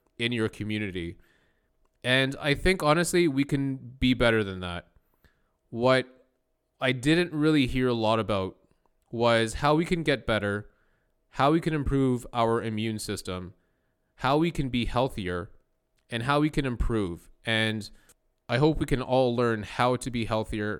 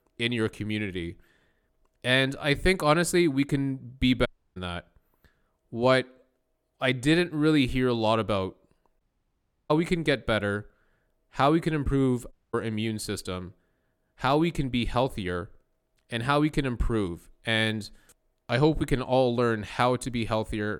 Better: first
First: none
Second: audio cutting out; at 4.5 s, at 9 s for 0.5 s and at 12 s

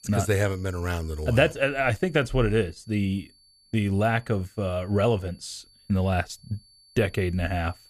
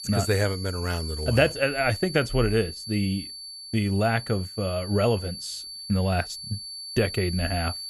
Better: first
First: high-pitched whine; faint; throughout; 4.5 kHz, 30 dB below the speech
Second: high-pitched whine; loud; throughout; 4.5 kHz, 10 dB below the speech

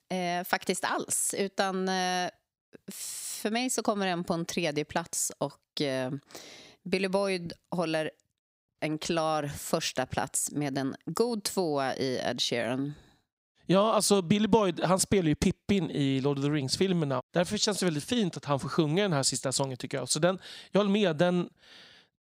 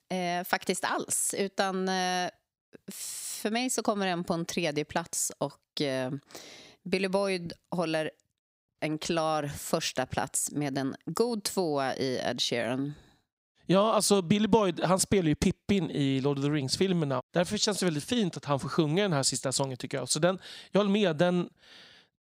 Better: neither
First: none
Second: none

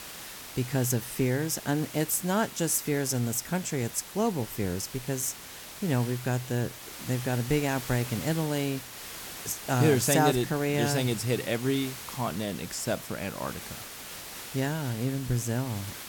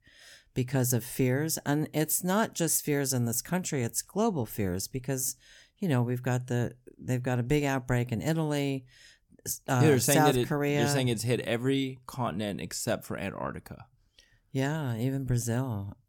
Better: second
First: hiss; noticeable; throughout; 10 dB below the speech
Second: none

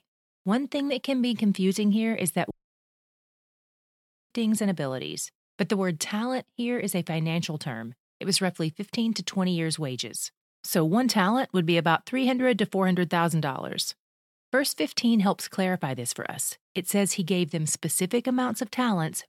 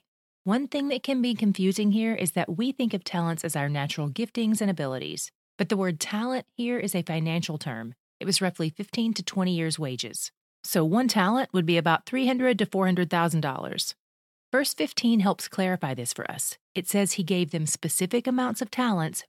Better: second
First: audio cutting out; at 2.5 s for 2 s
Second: none

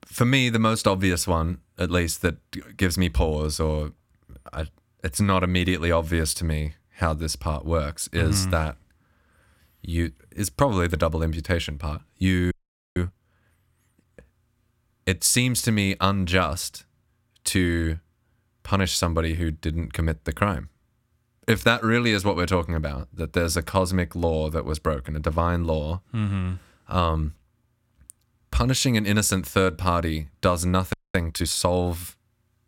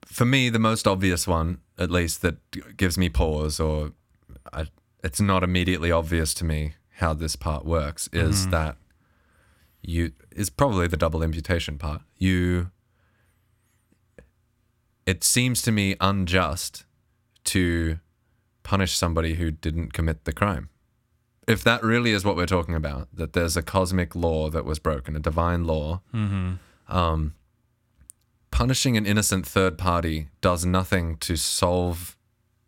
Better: second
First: audio freezing; at 13 s and at 31 s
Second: none

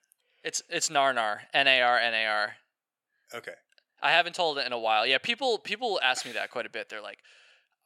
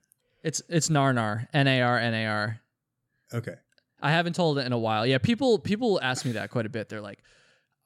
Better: second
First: thin; very; fading below 550 Hz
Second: none

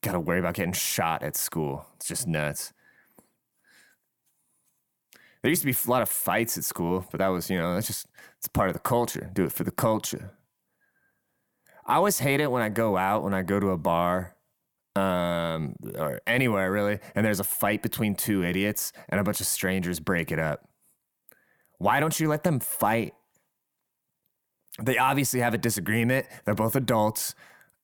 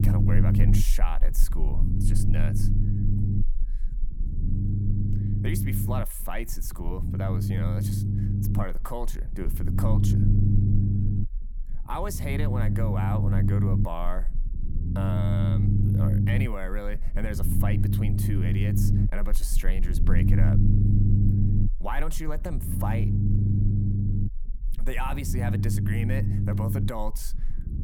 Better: first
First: none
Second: low rumble; loud; throughout; 1 dB below the speech

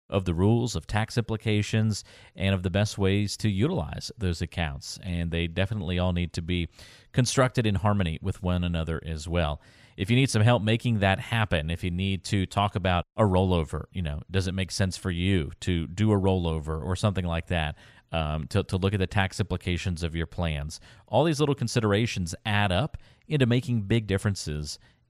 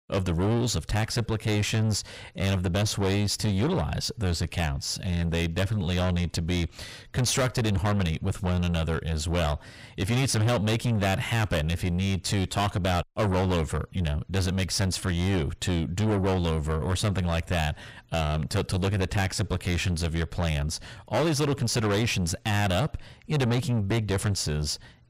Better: first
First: none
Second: distortion; heavy; 5 dB below the speech

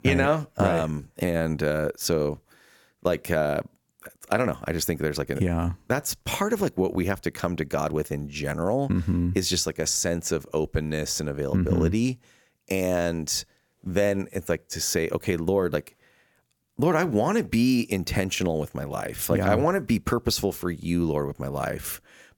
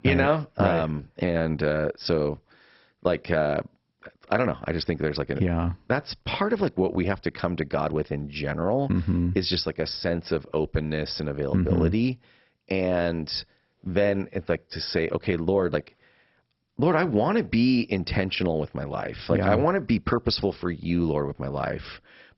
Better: first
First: none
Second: garbled, watery; badly; nothing above 5.5 kHz

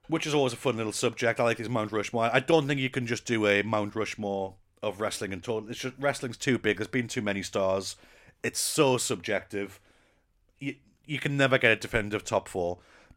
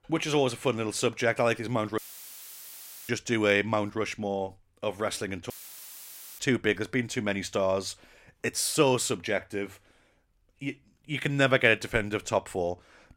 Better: first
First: none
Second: audio cutting out; filled with static; at 2 s for 1 s and at 5.5 s for 1 s

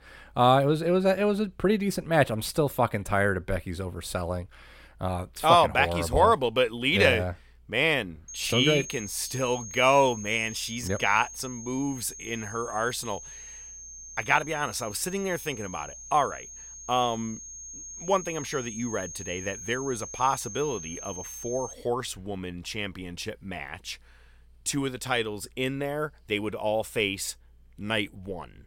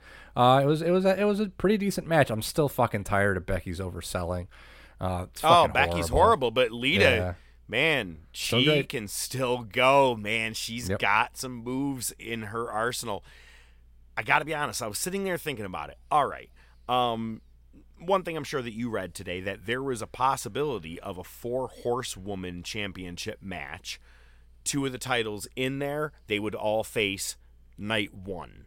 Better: second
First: high-pitched whine; noticeable; from 8.5 to 22 s; 6.5 kHz, 10 dB below the speech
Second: none

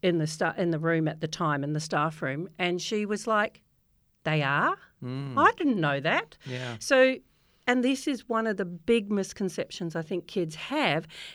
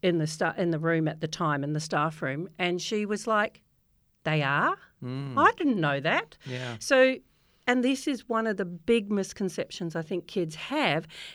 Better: neither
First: none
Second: none

